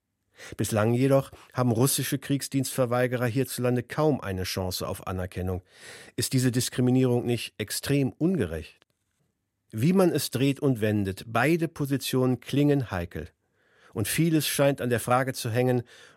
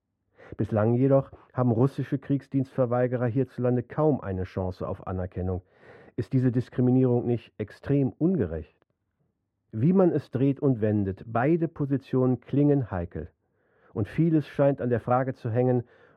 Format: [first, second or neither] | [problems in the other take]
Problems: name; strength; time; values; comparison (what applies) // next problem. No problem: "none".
first | muffled; very; fading above 3 kHz